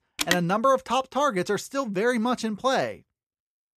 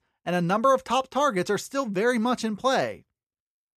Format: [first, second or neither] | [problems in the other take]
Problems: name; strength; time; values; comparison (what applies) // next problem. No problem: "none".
second | phone ringing; noticeable; at the start; peak 1 dB below the speech